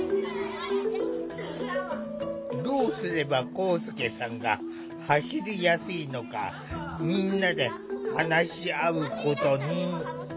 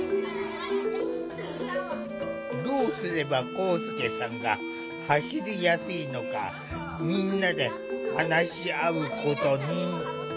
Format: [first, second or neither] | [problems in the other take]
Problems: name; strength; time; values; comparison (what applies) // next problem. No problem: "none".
first | background sound (Bowed string instrument); 10 dB below the speech